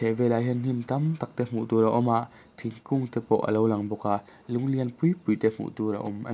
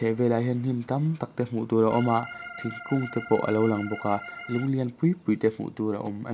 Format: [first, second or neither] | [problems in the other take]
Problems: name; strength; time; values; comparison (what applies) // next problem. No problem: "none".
first | background sound (Organ); 13 dB below the speech